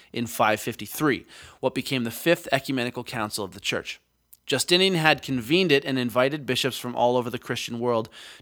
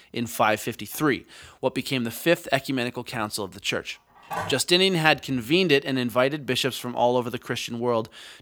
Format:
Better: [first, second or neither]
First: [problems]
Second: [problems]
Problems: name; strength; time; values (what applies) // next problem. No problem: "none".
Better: first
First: none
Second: phone ringing; noticeable; at 4.5 s; peak 8 dB below the speech